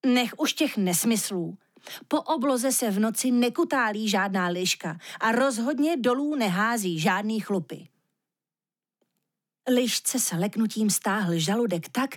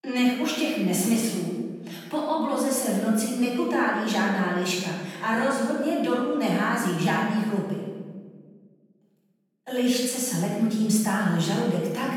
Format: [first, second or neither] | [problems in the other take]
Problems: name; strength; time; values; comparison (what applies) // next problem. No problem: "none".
first | room echo; noticeable; dies away in 1.3 s // off-mic speech; far